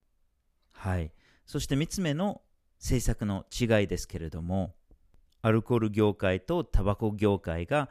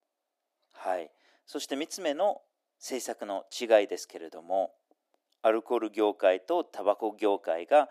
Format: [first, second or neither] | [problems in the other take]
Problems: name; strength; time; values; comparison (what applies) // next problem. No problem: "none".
first | thin; very; fading below 300 Hz